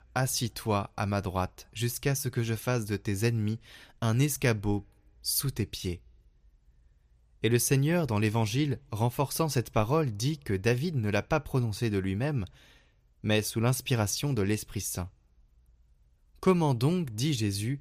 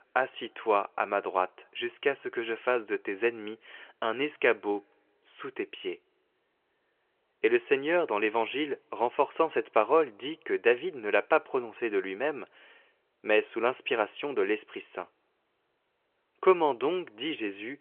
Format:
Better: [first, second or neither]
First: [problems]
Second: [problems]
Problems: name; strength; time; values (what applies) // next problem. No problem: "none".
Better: first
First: none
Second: phone-call audio